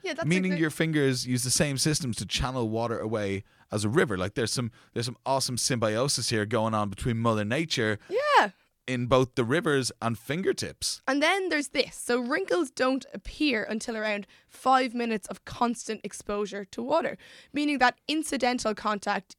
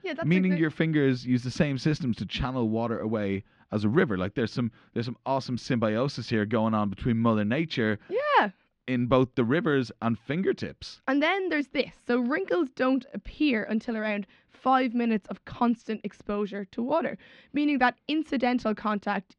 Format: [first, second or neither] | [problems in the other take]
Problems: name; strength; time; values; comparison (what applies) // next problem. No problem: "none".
first | muffled; slightly; fading above 3.5 kHz